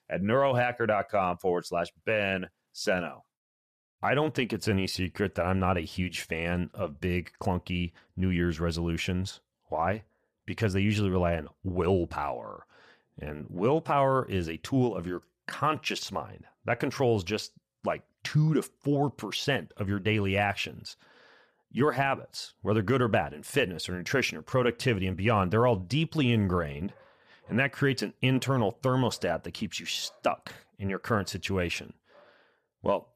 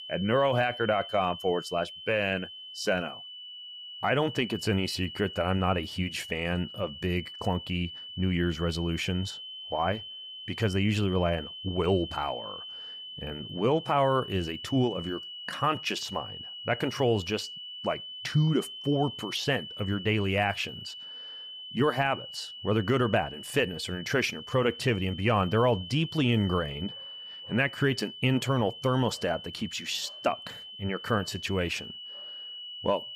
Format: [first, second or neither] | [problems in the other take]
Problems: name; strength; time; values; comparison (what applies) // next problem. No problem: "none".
first | high-pitched whine; noticeable; throughout; 3 kHz, 10 dB below the speech